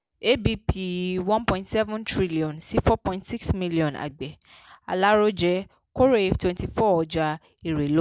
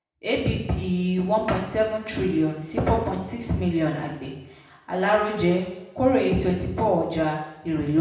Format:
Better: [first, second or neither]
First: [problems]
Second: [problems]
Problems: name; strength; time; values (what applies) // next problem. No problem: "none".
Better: first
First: none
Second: room echo; dies away in 0.8 s